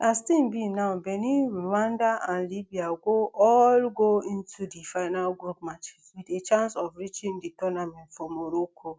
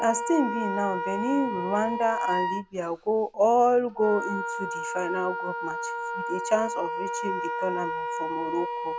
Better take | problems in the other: first | background sound (Wind instrument, woodwind instrument); 4 dB below the speech

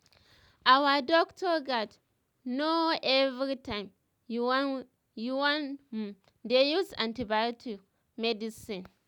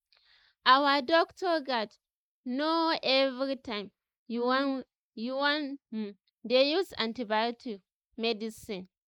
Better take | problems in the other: first | noise reduction (neural mask model Resemble Enhance denoiser)

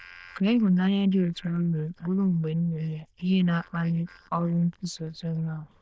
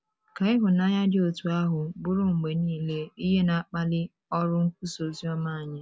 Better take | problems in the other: second | noise reduction (neural diffusion model UNIVERSE++)

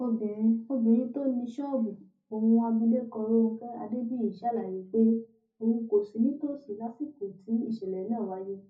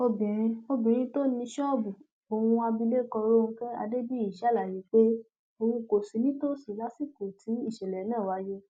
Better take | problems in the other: second | room echo; dies away in 0.4 s

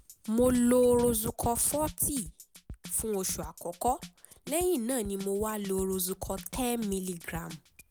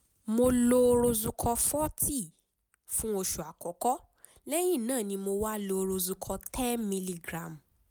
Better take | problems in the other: second | background sound (Drum kit); 17 dB below the speech

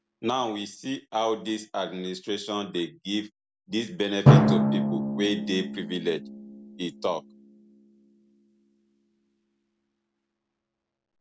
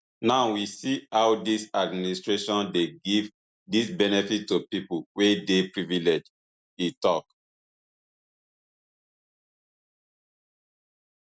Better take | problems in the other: second | background sound (Drum); 3 dB above the speech

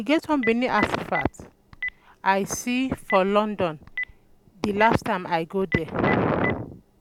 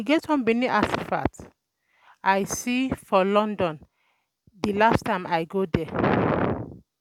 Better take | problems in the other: second | background sound (Telephone); 12 dB below the speech

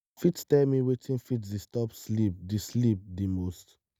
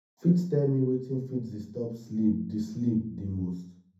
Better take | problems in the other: first | room echo; dies away in 0.6 s

